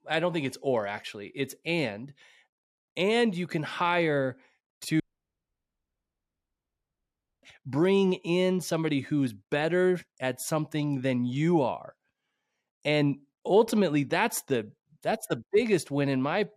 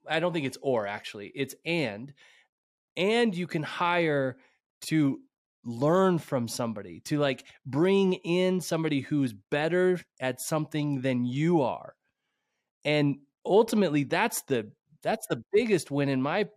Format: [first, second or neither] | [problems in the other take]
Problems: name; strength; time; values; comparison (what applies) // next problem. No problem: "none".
second | audio cutting out; at 5 s for 2.5 s